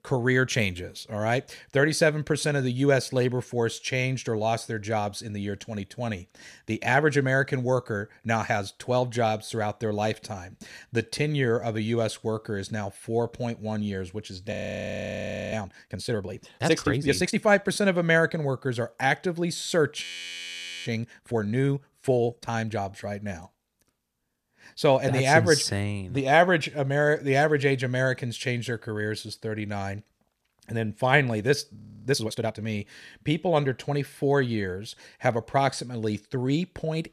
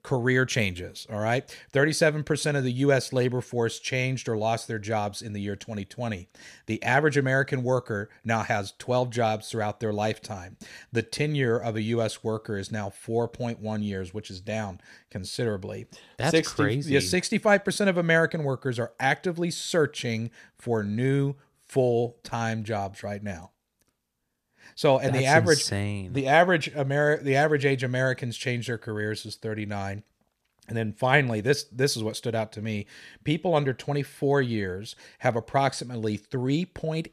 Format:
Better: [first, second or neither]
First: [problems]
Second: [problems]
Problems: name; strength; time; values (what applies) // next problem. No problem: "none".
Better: second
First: audio freezing; at 15 s for 1 s, at 20 s for 1 s and at 32 s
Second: none